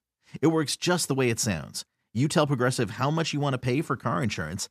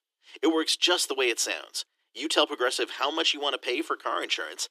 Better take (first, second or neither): first